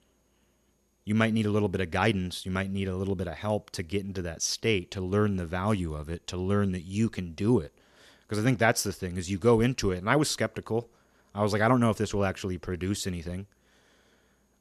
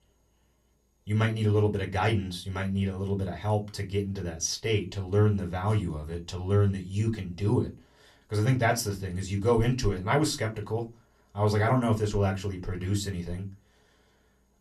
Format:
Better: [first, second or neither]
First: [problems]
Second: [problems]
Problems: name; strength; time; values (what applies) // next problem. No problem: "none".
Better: first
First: none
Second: off-mic speech; somewhat distant // room echo; very slight; dies away in 0.2 s